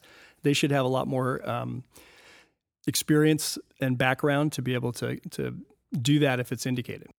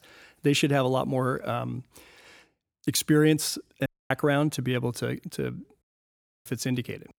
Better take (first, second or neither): first